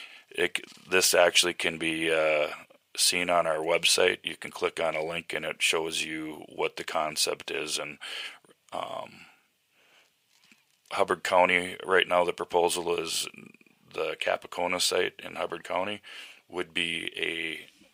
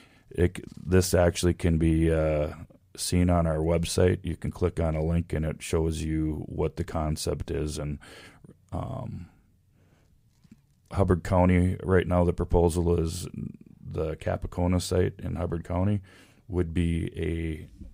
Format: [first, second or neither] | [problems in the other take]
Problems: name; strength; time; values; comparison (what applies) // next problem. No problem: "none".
second | thin; very; fading below 650 Hz